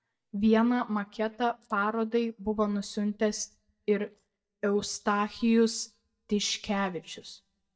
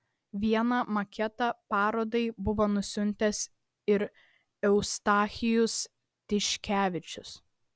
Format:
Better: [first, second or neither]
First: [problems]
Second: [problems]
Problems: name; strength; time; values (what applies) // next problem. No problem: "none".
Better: second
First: noise reduction (neural mask model DeepFilterNet 3)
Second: none